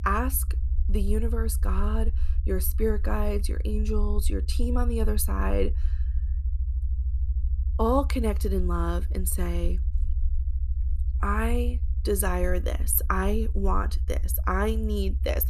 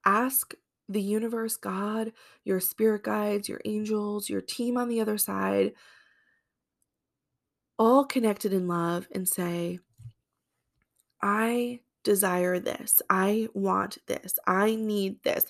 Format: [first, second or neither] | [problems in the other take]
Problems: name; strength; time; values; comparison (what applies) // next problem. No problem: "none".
second | low rumble; noticeable; throughout; 20 dB below the speech